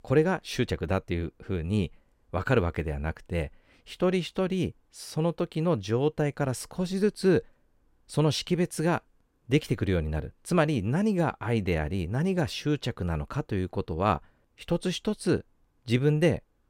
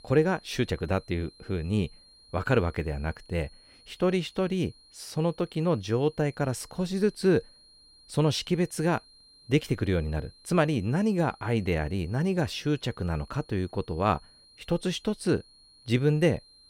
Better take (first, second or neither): first